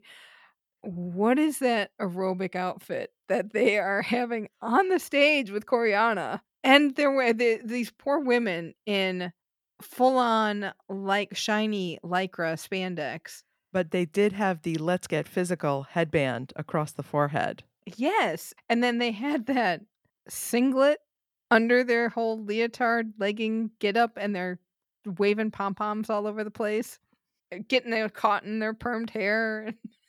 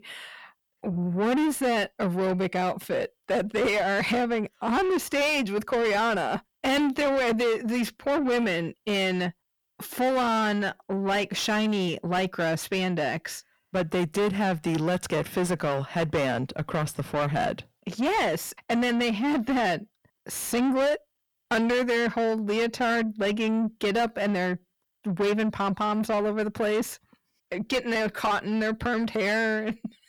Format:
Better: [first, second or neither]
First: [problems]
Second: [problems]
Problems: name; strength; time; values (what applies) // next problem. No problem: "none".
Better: first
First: none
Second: distortion; heavy; 6 dB below the speech